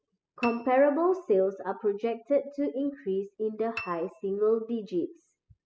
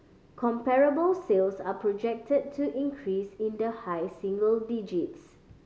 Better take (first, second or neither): second